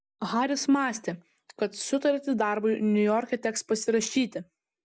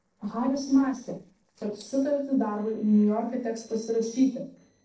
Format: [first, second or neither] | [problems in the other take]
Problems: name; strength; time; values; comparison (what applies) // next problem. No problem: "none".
first | noise reduction (neural separator model SepFormer DNS4)